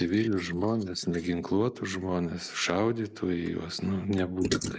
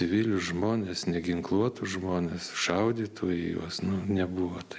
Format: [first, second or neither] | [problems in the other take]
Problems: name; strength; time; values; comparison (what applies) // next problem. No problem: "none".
second | noise reduction (neural mask model Resemble Enhance denoiser)